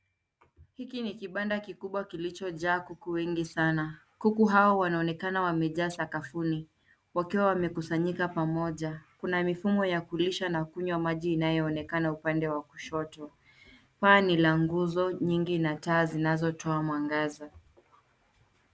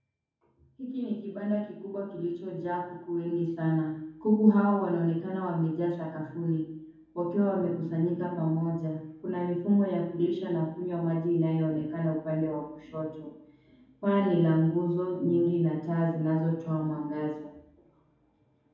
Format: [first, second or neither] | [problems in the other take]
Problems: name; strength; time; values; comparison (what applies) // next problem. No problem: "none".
first | room echo; dies away in 0.9 s